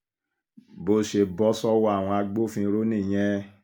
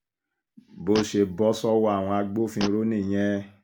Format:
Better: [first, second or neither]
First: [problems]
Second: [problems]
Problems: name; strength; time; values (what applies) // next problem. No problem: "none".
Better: first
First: none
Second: background sound (Fart); 15 dB below the speech